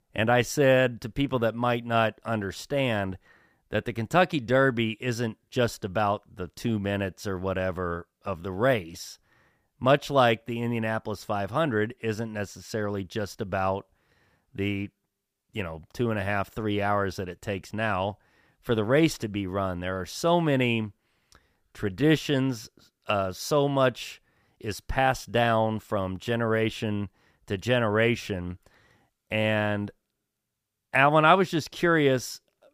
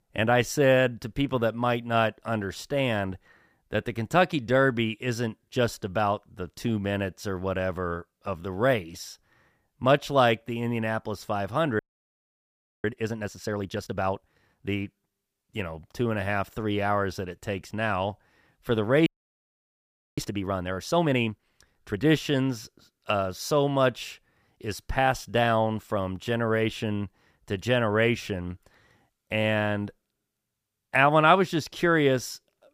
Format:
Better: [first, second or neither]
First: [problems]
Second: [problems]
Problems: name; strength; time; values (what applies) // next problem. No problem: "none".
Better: first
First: none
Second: audio freezing; at 12 s for 1 s and at 19 s for 1 s